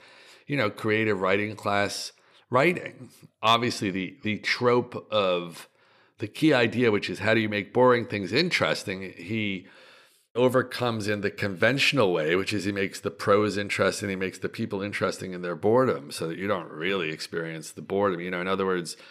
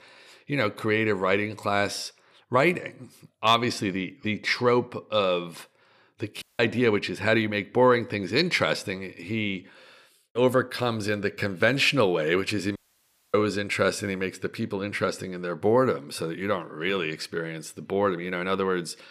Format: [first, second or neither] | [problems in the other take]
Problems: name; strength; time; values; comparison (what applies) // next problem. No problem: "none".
first | audio cutting out; at 6.5 s and at 13 s for 0.5 s